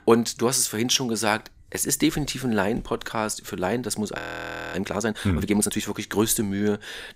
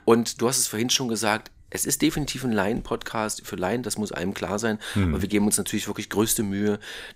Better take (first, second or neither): second